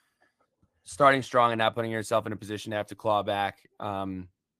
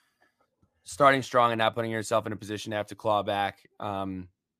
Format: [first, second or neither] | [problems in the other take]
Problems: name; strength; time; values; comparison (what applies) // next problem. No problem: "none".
second | garbled, watery; slightly; nothing above 14.5 kHz